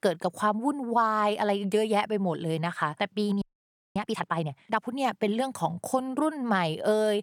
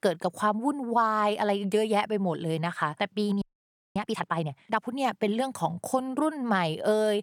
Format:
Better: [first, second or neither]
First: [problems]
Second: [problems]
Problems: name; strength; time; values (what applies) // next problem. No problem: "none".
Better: neither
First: audio freezing; at 3.5 s for 0.5 s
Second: audio freezing; at 3.5 s for 0.5 s